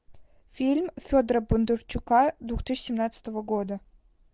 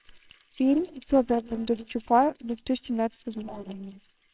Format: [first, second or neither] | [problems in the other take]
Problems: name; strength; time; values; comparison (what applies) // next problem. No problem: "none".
first | noise reduction (neural separator model SepFormer WHAMR!)